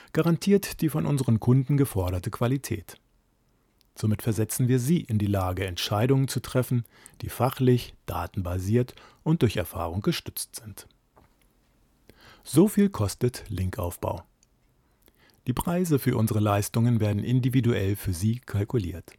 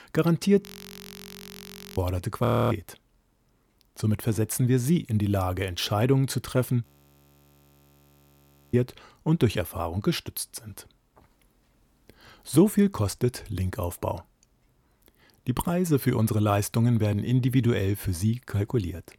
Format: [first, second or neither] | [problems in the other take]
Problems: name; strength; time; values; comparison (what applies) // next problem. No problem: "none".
first | audio freezing; at 0.5 s for 1.5 s, at 2.5 s and at 7 s for 2 s